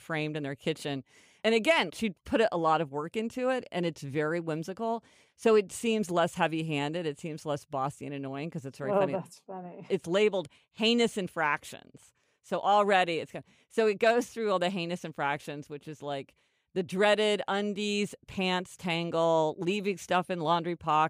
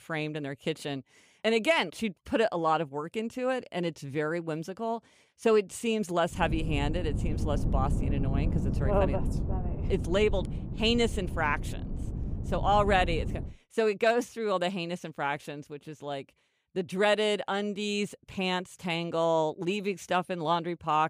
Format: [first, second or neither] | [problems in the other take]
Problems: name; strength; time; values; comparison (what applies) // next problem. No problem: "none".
first | wind noise on the microphone; occasional gusts; from 6.5 to 13 s; 15 dB below the speech